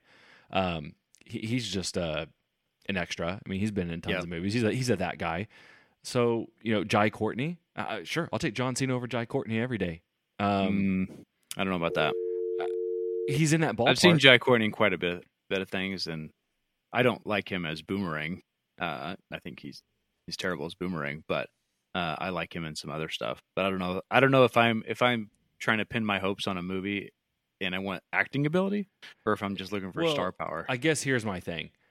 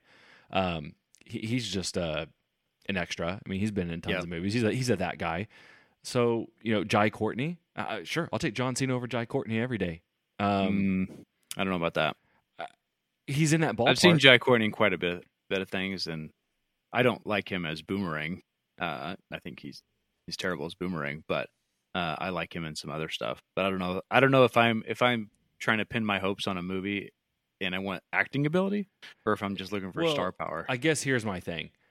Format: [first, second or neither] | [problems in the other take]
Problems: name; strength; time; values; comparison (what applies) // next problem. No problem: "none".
second | phone ringing; noticeable; from 12 to 13 s; peak 3 dB below the speech